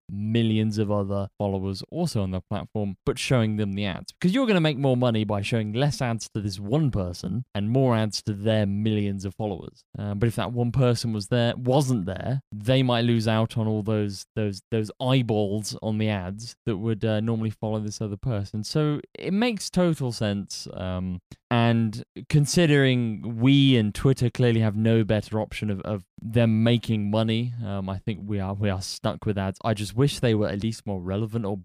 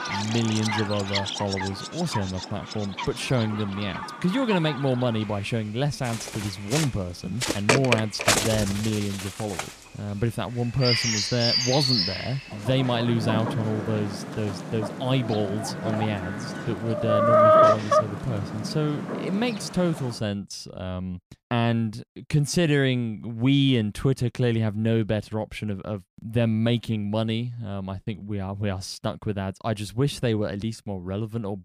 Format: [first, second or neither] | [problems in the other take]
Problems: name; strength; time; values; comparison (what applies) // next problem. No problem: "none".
first | animal sounds; very loud; until 20 s; 1 dB above the speech